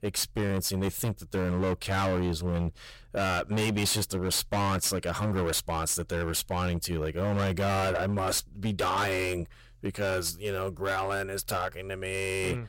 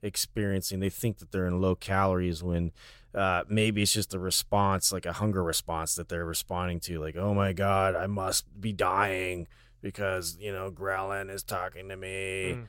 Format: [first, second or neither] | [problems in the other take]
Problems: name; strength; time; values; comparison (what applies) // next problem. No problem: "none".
second | distortion; heavy; 20% of the sound clipped